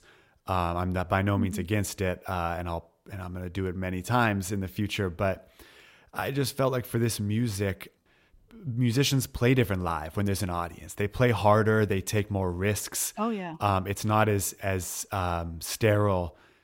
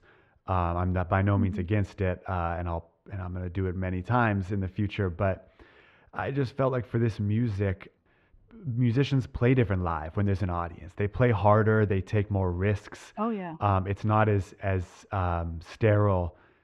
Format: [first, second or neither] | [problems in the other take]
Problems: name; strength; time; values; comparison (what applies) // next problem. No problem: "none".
first | muffled; very; fading above 2 kHz